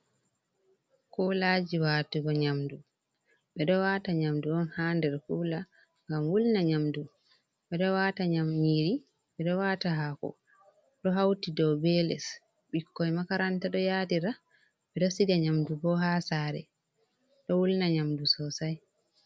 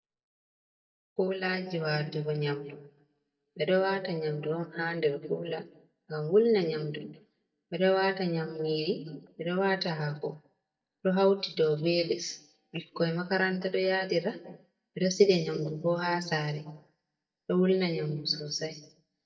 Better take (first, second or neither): first